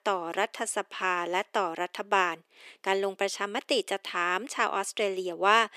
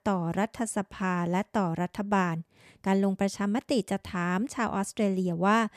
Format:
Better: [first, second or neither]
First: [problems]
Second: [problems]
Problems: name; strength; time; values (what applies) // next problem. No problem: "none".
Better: second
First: thin; very; fading below 350 Hz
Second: none